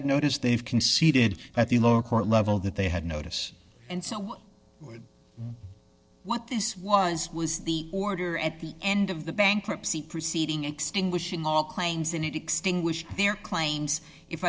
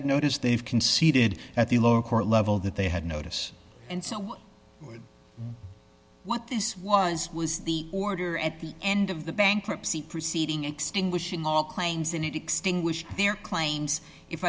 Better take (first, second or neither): second